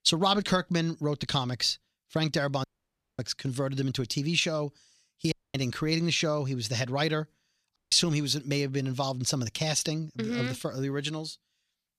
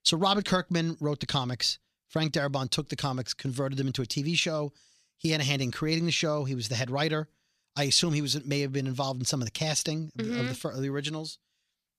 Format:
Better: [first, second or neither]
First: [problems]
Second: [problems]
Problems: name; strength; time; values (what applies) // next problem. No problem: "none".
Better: second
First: audio cutting out; at 2.5 s for 0.5 s, at 5.5 s and at 8 s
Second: none